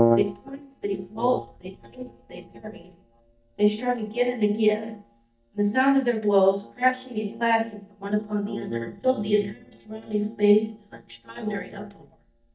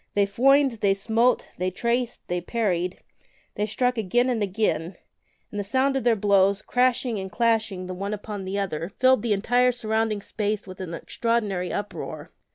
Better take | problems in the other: second | noise reduction (neural mask model DeepFilterNet 3)

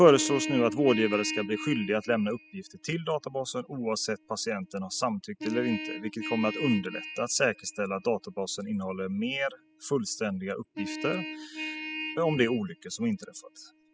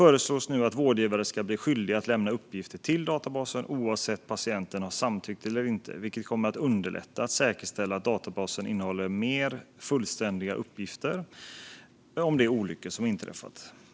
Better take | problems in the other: second | noise reduction (classical method spectral subtraction)

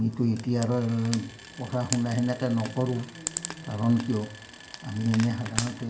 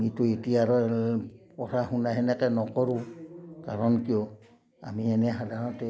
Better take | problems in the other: second | background sound (Frying (food)); 11 dB below the speech // room echo; dies away in 0.4 s

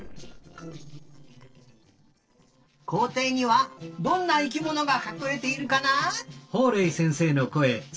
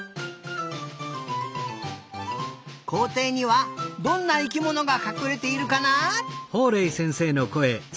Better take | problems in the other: second | noise reduction (neural separator model SepFormer DNS4)

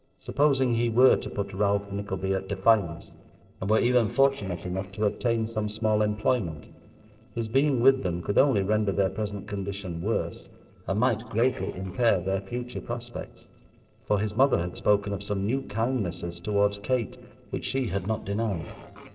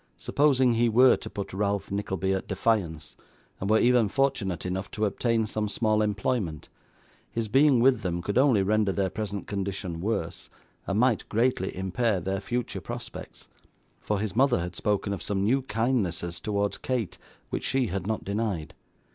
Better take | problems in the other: second | noise reduction (neural separator model SepFormer DNS4)

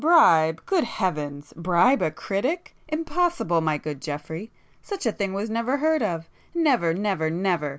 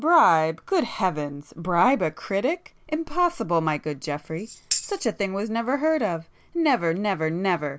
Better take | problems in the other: first | background sound (Tambourine); 9 dB below the speech

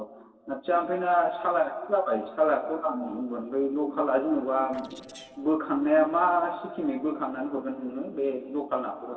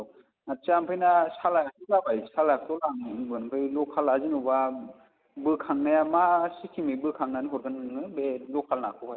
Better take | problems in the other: second | noise reduction (neural separator model SepFormer DNS4)

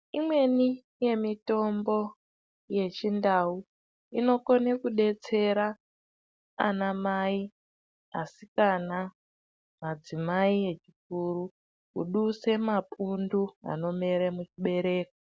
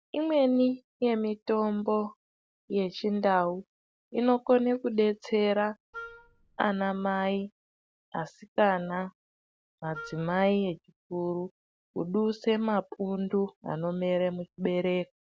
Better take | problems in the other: first | background sound (Wind instrument, woodwind instrument); 17 dB below the speech

